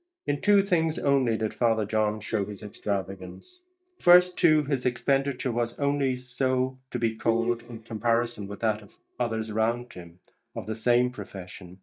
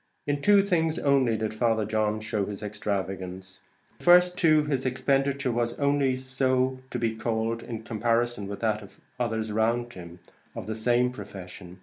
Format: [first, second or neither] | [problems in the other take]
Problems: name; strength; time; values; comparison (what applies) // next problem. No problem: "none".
second | noise reduction (neural mask model DeepFilterNet 3)